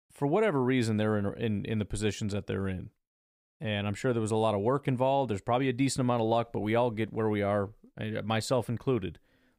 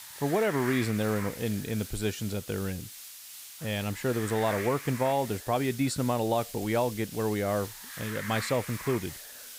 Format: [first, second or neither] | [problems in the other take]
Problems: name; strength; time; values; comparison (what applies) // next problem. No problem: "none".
first | hiss; loud; throughout; 10 dB below the speech